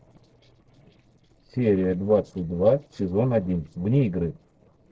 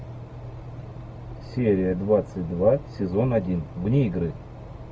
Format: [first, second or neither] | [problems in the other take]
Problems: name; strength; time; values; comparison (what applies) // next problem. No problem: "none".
second | noise reduction (neural separator model SepFormer DNS4)